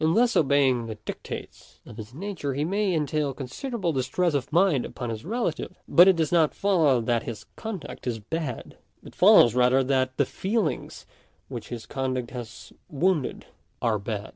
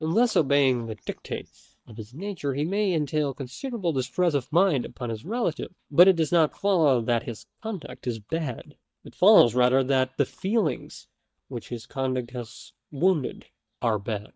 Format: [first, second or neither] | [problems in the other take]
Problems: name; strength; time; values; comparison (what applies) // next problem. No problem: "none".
first | noise reduction (neural mask model DeepFilterNet 3)